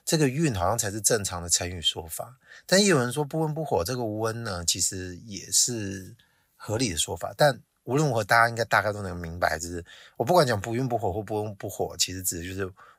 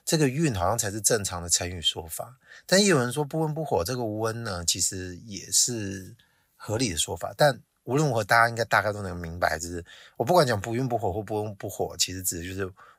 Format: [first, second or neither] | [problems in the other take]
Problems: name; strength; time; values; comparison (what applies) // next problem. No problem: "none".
neither | none